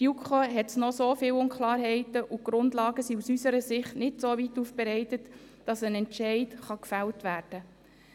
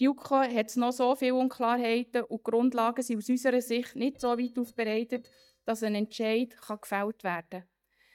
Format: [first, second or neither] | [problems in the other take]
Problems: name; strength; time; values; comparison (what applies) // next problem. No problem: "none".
first | noise reduction (neural mask model DeepFilterNet 3)